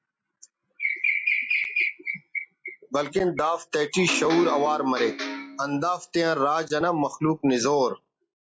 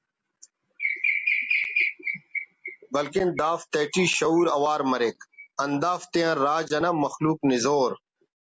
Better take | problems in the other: second | noise reduction (classical method log-MMSE)

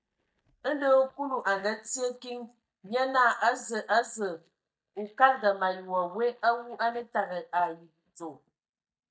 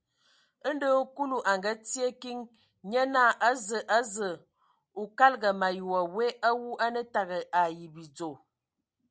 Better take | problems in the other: second | noise reduction (neural mask model DeepFilterNet 3)

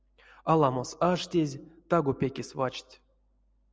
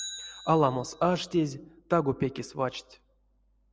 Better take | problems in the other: first | background sound (Bicycle); 18 dB below the speech

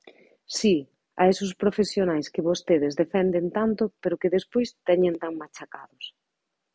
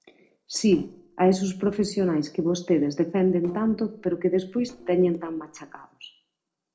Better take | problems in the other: first | noise reduction (neural separator model SepFormer DNS4)

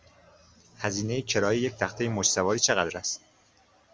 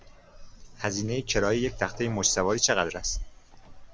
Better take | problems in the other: first | background sound (Keys jangling); 12 dB below the speech

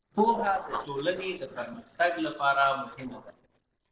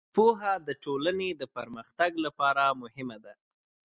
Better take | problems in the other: second | noise reduction (neural separator model SepFormer DNS4)

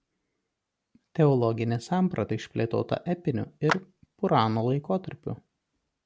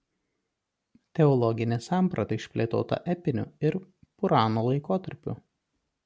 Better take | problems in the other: second | background sound (Clapping); 9 dB below the speech

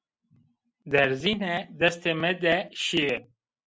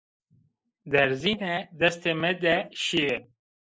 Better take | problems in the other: first | noise reduction (neural mask model Resemble Enhance denoiser)

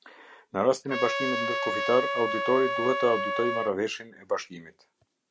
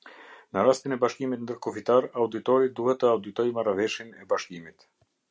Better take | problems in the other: second | background sound (Trumpet); 1 dB below the speech

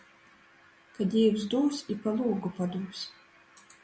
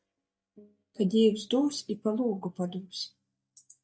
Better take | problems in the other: first | noise reduction (neural mask model DeepFilterNet 3)

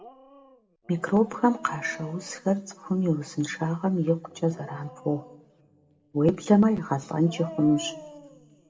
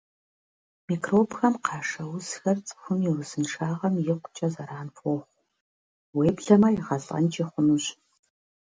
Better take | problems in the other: second | background sound (Dog); 20 dB below the speech // room echo; dies away in 1.1 s

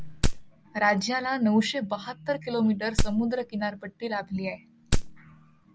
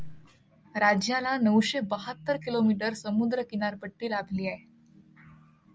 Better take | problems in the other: second | background sound (Wood); 2 dB above the speech

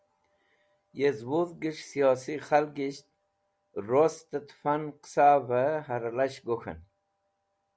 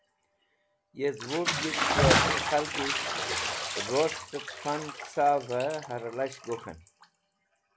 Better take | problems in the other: first | background sound (Bathtub (filling or washing) / Splash, splatter); as loud as the speech

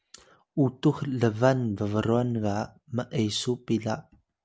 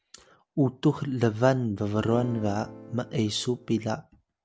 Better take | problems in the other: first | background sound (Acoustic guitar / Strum); 16 dB below the speech

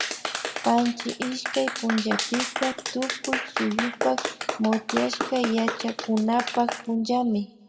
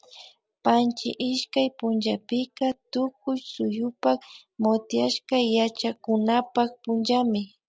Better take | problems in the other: second | background sound (Clapping); 5 dB below the speech // room echo; dies away in 1.1 s

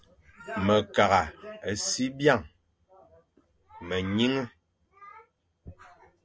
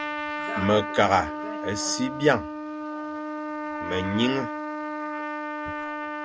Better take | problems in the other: first | background sound (Trumpet); 4 dB below the speech

